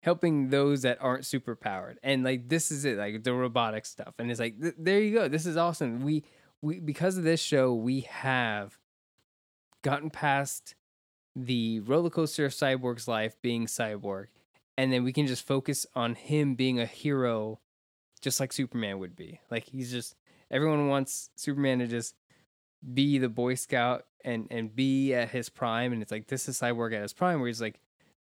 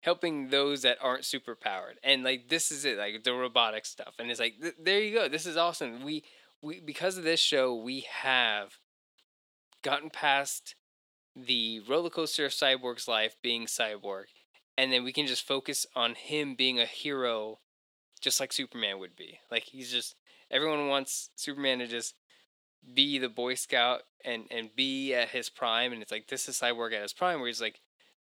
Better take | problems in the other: first | thin; somewhat; fading below 400 Hz

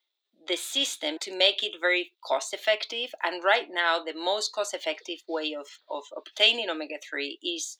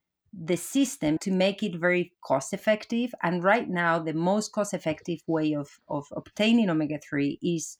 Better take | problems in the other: second | thin; very; fading below 350 Hz

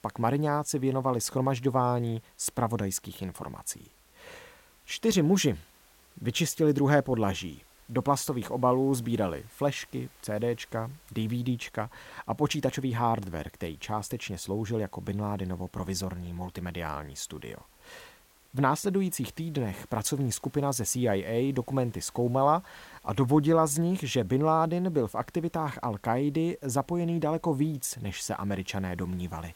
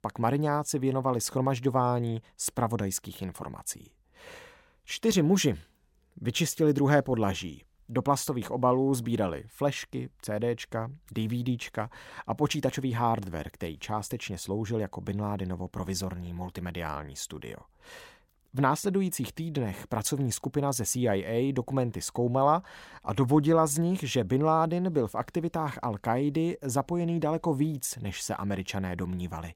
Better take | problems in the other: second | hiss; faint; throughout; 30 dB below the speech

